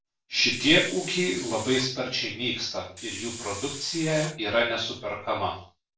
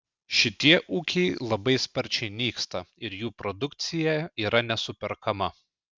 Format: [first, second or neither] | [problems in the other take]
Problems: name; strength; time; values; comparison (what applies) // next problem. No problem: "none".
second | background sound (Hiss); 11 dB below the speech // room echo; dies away in 0.3 s